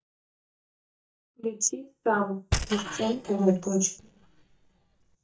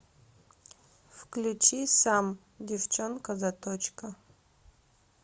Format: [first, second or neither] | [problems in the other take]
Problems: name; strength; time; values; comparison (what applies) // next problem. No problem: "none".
second | noise reduction (neural mask model DeepFilterNet 3)